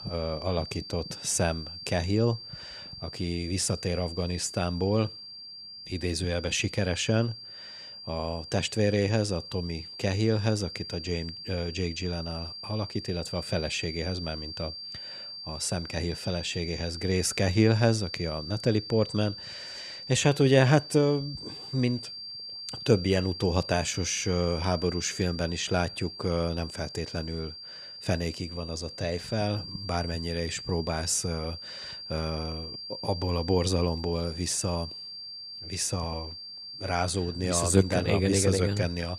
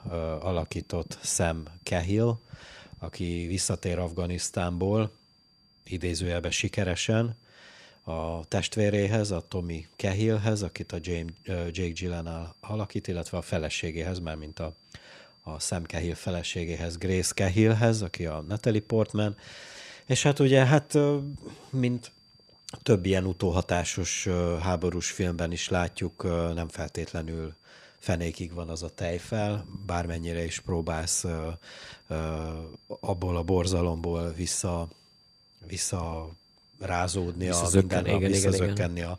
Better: second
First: high-pitched whine; loud; throughout; 4.5 kHz, 10 dB below the speech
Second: high-pitched whine; faint; throughout; 4.5 kHz, 30 dB below the speech

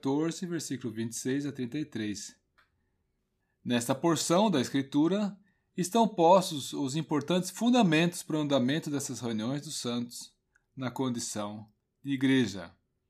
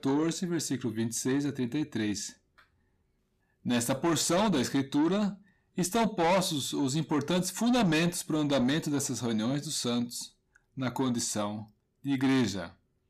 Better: first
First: none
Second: distortion; heavy; 8 dB below the speech

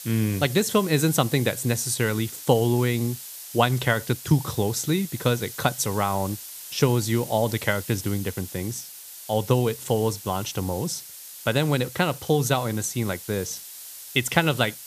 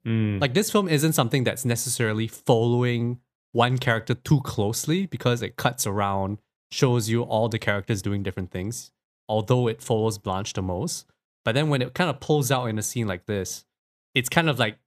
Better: second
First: hiss; noticeable; throughout; 10 dB below the speech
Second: none

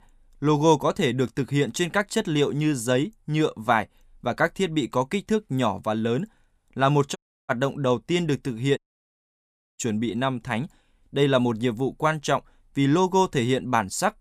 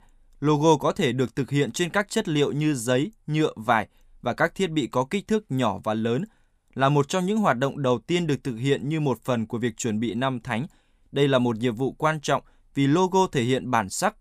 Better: second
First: audio cutting out; at 7 s and at 9 s for 1 s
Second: none

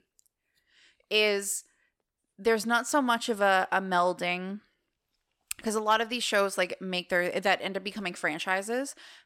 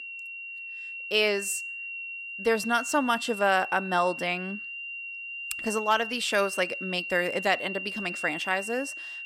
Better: first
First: none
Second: high-pitched whine; loud; throughout; 2.5 kHz, 7 dB below the speech

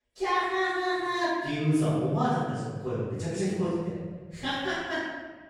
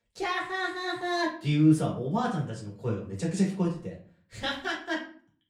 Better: second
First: room echo; strong; dies away in 1.5 s // off-mic speech; far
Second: room echo; slight; dies away in 0.4 s // off-mic speech; far

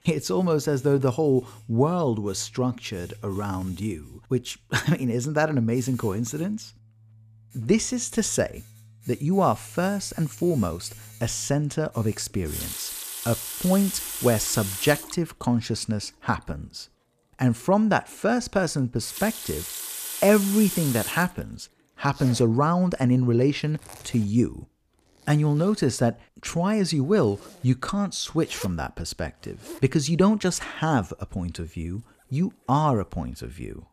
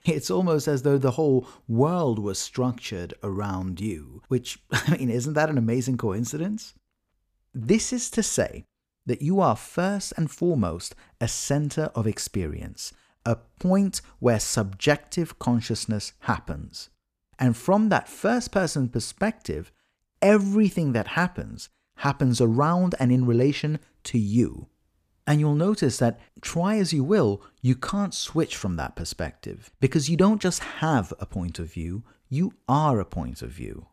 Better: second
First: household noises; loud; throughout; 10 dB below the speech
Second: none

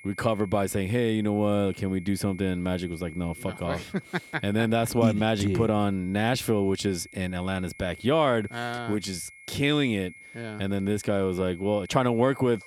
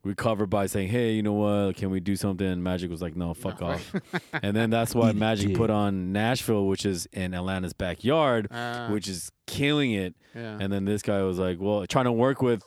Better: second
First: high-pitched whine; noticeable; throughout; 2 kHz, 20 dB below the speech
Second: none

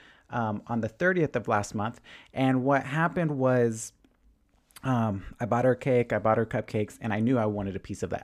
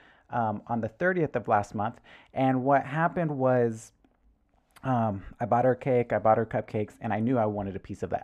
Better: first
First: none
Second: muffled; slightly; fading above 3 kHz

